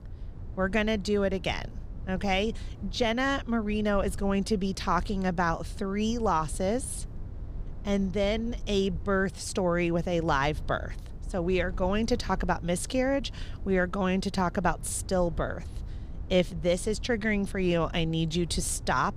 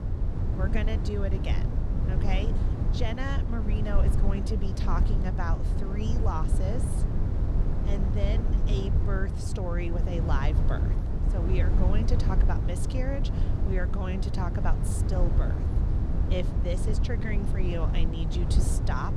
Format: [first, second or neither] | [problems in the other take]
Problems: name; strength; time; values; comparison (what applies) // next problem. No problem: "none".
first | low rumble; loud; throughout; 3 dB below the speech; faint in the first